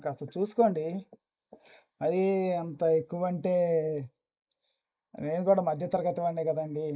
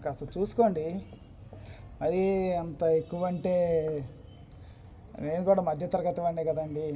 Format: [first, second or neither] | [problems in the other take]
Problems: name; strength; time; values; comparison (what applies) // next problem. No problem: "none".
second | noise reduction (neural mask model Resemble Enhance denoiser)